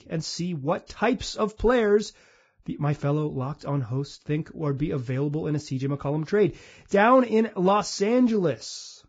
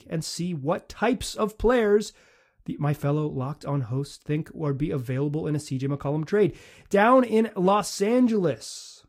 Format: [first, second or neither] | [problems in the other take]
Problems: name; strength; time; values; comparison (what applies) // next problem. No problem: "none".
second | garbled, watery; badly; nothing above 7.5 kHz; slightly in the second